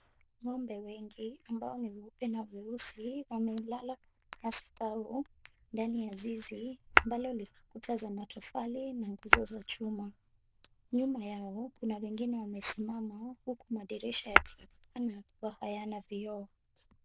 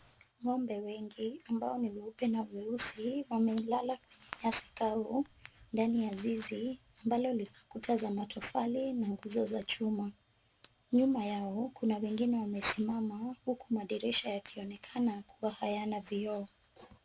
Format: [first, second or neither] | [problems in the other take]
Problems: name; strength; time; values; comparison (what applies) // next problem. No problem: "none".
second | noise reduction (neural diffusion model UNIVERSE++)